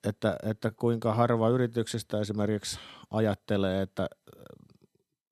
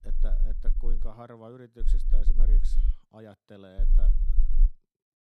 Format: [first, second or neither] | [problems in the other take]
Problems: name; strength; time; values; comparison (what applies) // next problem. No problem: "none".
first | low rumble; loud; until 1 s, from 2 to 3 s and at 4 s; 7 dB below the speech